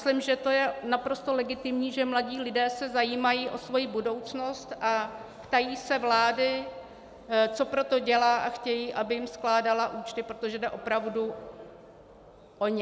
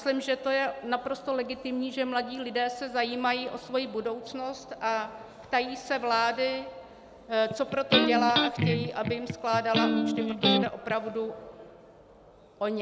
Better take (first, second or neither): first